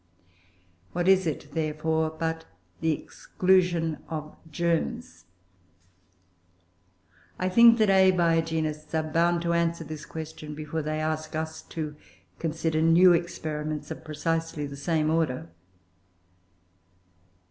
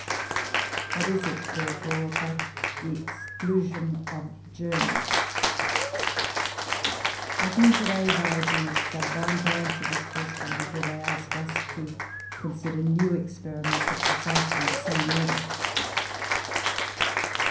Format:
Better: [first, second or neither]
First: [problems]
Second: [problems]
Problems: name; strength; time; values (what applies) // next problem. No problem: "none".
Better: first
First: none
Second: background sound (Cheering); 1 dB above the speech // room echo; dies away in 0.6 s